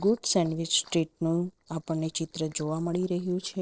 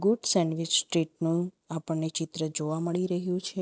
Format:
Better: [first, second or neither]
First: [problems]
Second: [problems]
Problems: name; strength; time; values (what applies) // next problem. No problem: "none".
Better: second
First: noise reduction (neural separator model SepFormer DNS4)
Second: none